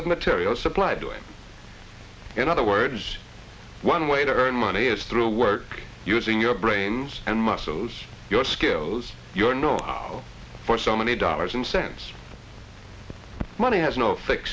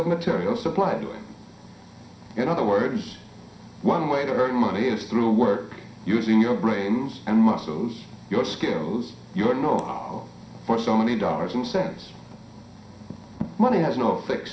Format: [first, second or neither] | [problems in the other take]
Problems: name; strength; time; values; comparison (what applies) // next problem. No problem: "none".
first | room echo; dies away in 0.5 s